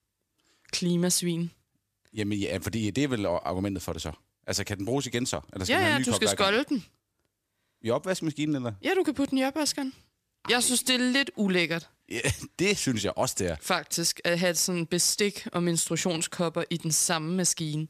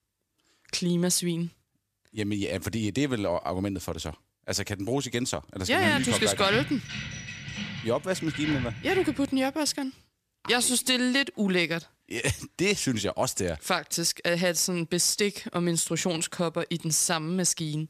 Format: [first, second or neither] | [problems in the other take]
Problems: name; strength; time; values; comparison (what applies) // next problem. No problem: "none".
first | jangling keys; noticeable; from 6 to 9.5 s; peak 5 dB below the speech